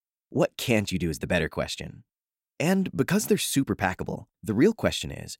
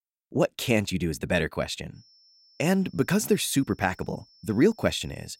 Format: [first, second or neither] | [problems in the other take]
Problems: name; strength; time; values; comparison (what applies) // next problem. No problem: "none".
first | high-pitched whine; faint; from 2 s on; 5.5 kHz, 30 dB below the speech